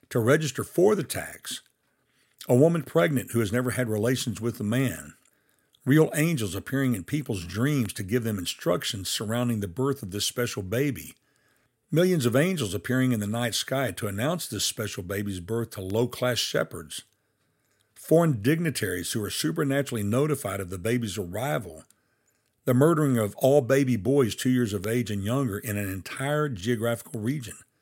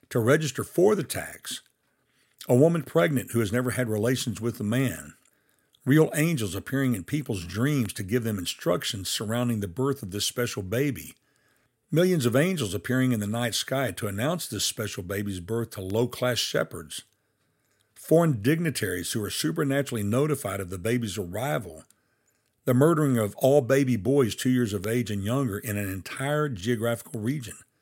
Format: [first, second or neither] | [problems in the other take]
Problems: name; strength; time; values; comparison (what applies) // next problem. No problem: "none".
neither | none